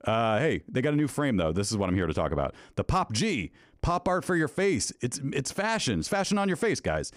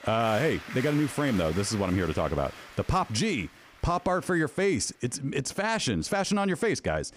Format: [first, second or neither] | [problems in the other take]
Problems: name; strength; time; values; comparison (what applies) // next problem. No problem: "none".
first | crowd noise; noticeable; throughout; 15 dB below the speech